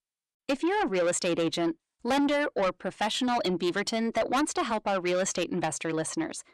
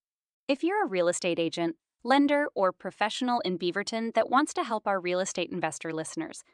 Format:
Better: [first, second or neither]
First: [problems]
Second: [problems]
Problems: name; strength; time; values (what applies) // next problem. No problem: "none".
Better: second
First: distortion; heavy; 8 dB below the speech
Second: none